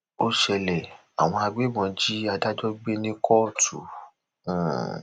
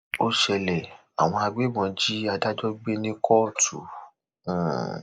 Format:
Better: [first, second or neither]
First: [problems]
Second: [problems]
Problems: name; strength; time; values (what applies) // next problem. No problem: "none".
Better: first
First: none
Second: noise reduction (neural mask model Resemble Enhance denoiser)